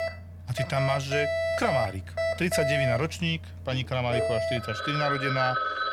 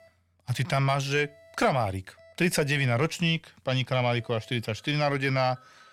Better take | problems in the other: second | alarms or sirens; loud; throughout; as loud as the speech; faint in the second

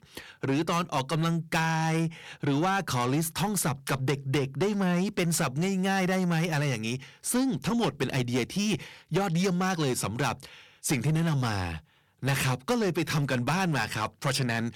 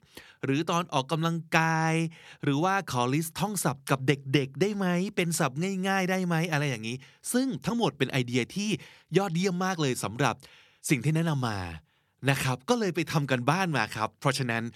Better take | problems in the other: second | distortion; heavy; 7 dB below the speech

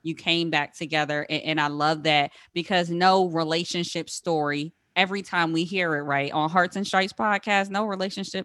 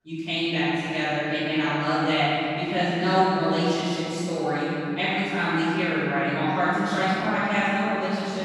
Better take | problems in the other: first | room echo; strong; dies away in 3 s // off-mic speech; far

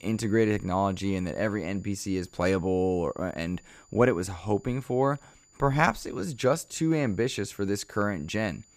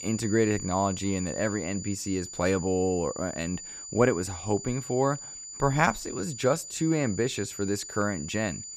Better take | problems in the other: first | high-pitched whine; loud; throughout; 7 kHz, 10 dB below the speech; faint in the first

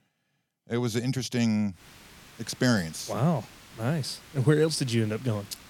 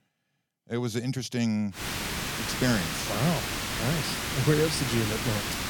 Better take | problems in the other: first | hiss; loud; from 2 s on; 1 dB below the speech; faint in the first

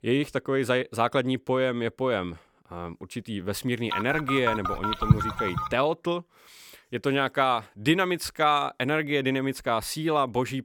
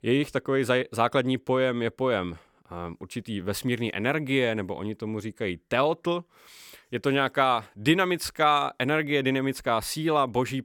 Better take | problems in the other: second | phone ringing; loud; from 4 to 5.5 s; peak 4 dB above the speech

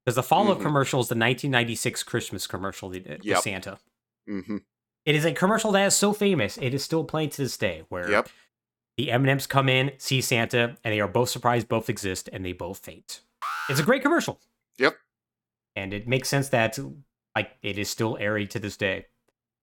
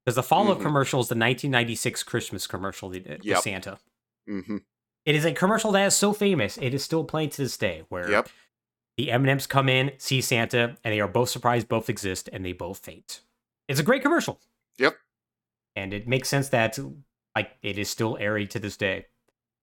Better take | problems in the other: second | alarm; noticeable; at 13 s; peak 6 dB below the speech

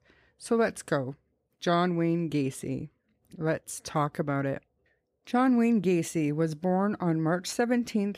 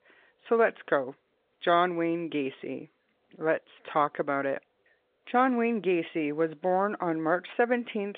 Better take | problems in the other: first | phone-call audio

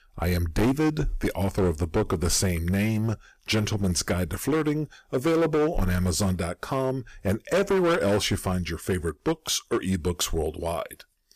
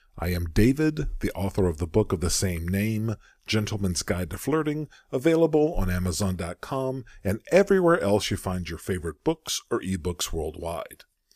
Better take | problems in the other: second | distortion; heavy; 11% of the sound clipped

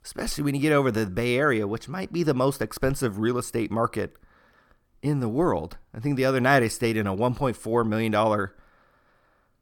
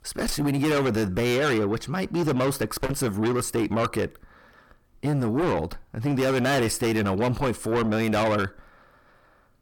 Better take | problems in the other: first | distortion; heavy; 7 dB below the speech

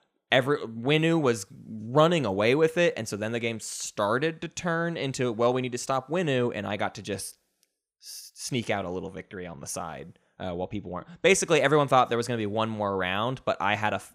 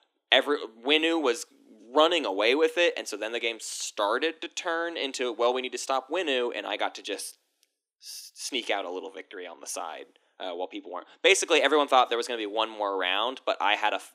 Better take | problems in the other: first | thin; somewhat; fading below 300 Hz

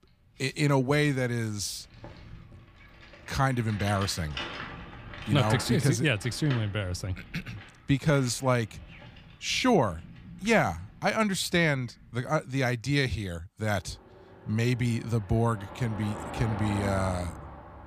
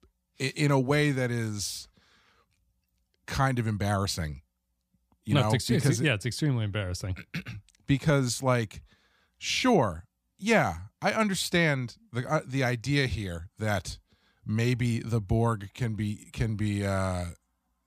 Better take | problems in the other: second | traffic noise; noticeable; throughout; 15 dB below the speech

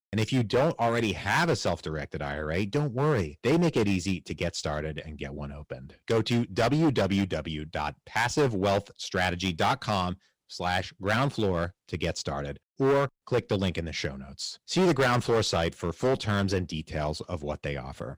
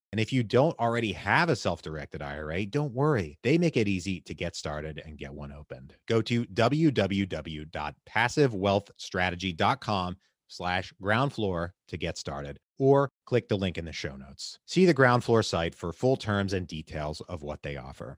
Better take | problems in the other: second | distortion; heavy; 6% of the sound clipped

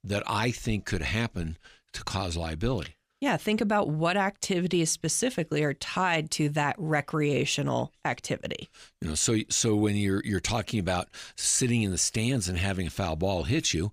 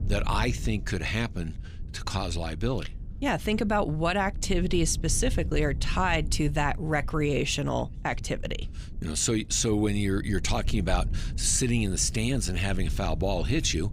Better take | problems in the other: first | low rumble; faint; throughout; 20 dB below the speech

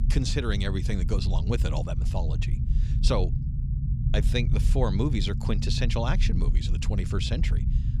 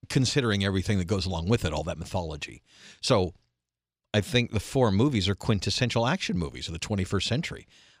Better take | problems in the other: second | low rumble; loud; throughout; 9 dB below the speech

